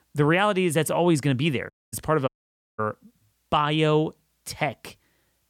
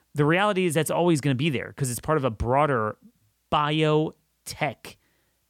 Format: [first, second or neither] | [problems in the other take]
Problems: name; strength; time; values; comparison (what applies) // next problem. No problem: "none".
second | audio cutting out; at 1.5 s and at 2.5 s for 0.5 s